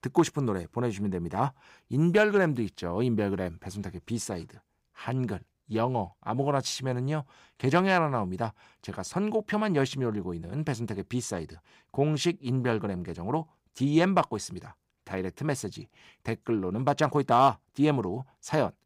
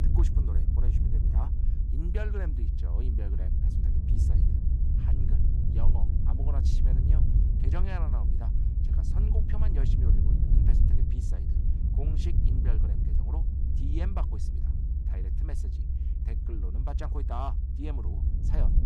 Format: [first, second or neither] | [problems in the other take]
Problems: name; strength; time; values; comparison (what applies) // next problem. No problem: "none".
first | low rumble; loud; throughout; as loud as the speech